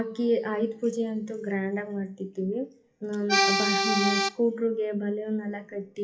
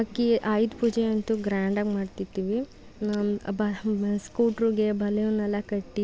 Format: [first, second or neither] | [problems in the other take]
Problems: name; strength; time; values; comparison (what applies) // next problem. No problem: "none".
second | noise reduction (classical method WPE with log-MMSE)